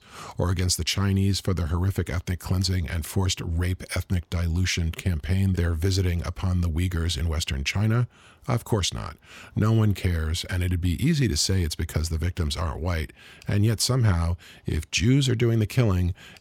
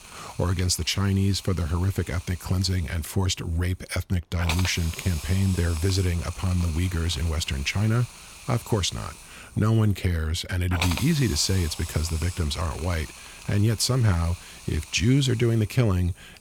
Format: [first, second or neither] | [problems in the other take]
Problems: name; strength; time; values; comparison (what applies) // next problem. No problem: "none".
first | hiss; noticeable; throughout; 15 dB below the speech